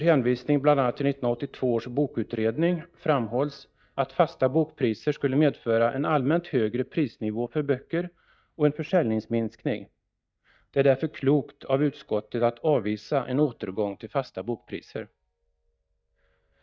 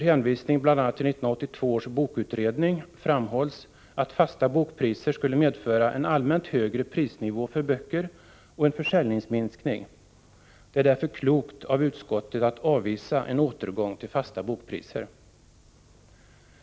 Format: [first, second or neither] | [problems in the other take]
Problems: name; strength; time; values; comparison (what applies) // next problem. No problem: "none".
second | noise reduction (neural mask model DeepFilterNet 3)